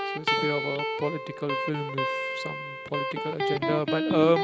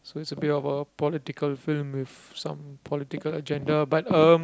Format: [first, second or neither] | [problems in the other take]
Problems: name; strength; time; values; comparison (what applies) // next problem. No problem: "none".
second | background sound (Electric guitar); as loud as the speech